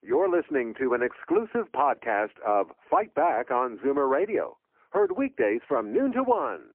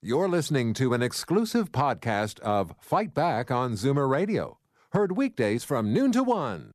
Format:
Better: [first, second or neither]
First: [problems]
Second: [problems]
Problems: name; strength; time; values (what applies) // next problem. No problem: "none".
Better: second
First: phone-call audio; poor line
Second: none